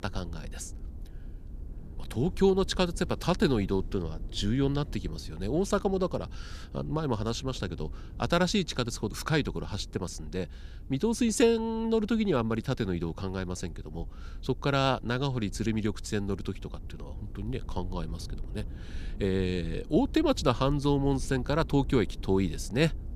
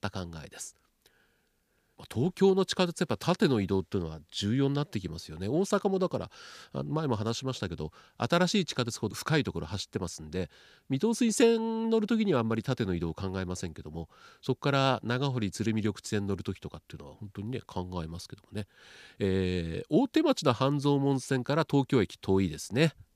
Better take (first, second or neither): second